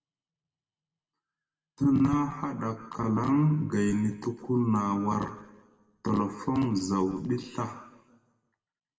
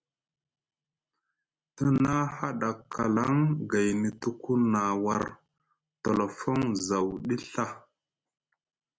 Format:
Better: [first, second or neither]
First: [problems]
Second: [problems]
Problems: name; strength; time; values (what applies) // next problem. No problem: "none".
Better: second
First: room echo; dies away in 1.2 s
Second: none